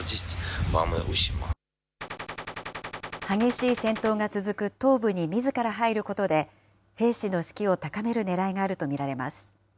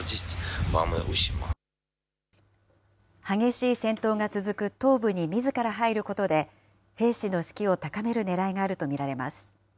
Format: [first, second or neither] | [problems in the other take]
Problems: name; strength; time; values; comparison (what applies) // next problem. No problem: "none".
second | background sound (Gunshot, gunfire); 10 dB below the speech